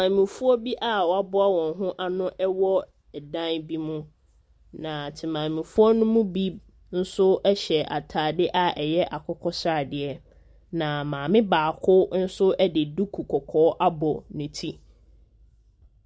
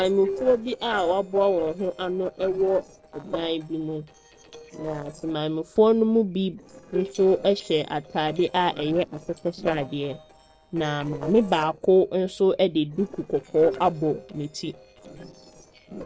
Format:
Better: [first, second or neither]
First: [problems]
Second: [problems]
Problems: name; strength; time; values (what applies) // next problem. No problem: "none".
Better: first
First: none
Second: noise reduction (neural separator model SepFormer DNS4)